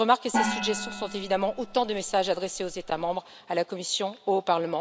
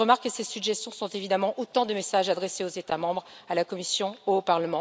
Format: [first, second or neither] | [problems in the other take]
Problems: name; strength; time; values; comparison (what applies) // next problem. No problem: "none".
second | background sound (Gong); 6 dB below the speech